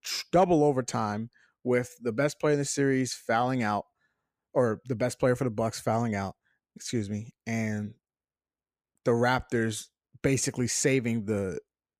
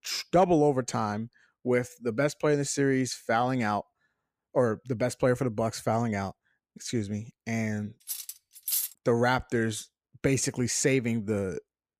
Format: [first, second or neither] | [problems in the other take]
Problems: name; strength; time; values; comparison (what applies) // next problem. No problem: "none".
first | clattering dishes; noticeable; at 8 s; peak level with the speech